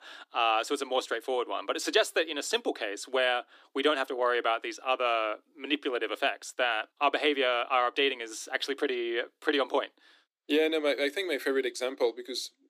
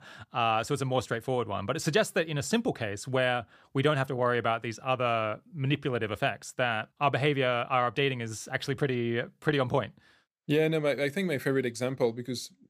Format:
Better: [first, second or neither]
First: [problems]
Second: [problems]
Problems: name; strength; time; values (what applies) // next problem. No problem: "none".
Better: second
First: thin; somewhat; fading below 300 Hz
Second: none